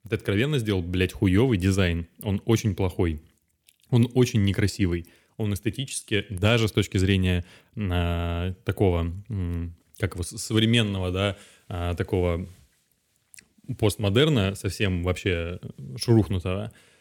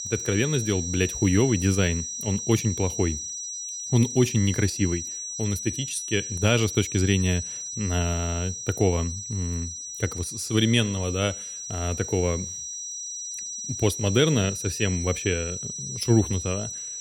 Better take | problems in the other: first | high-pitched whine; loud; throughout; 6 kHz, 6 dB below the speech

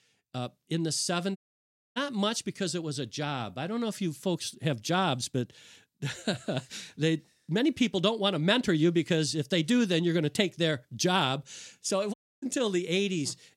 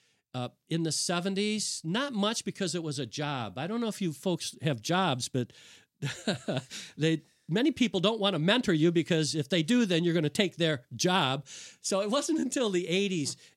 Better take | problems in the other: second | audio cutting out; at 1.5 s for 0.5 s and at 12 s

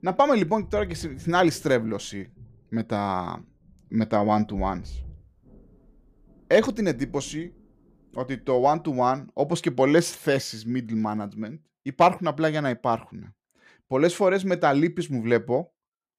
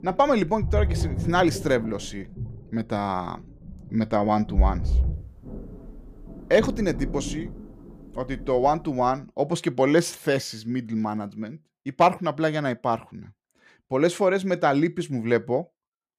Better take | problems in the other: first | rain or running water; loud; until 9 s; 6 dB below the speech; faint in the first

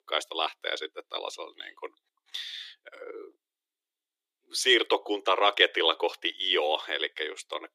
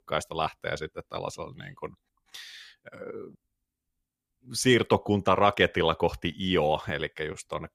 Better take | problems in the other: second | thin; very; fading below 300 Hz

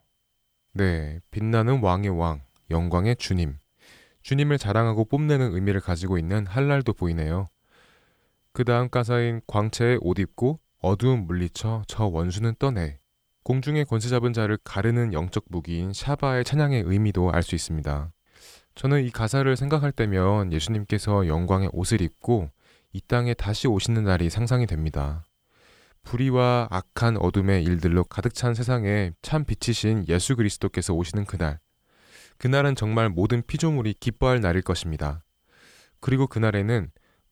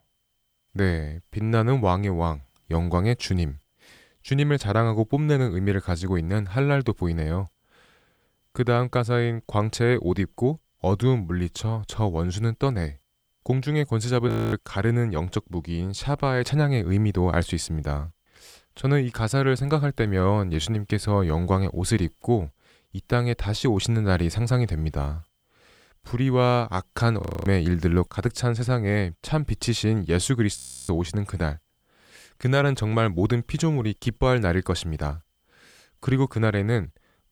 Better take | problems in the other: first | audio freezing; at 14 s, at 27 s and at 31 s

